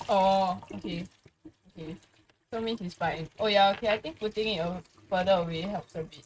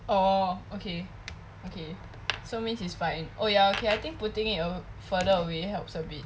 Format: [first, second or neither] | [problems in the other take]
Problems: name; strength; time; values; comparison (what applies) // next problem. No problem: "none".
second | noise reduction (neural mask model RNNoise)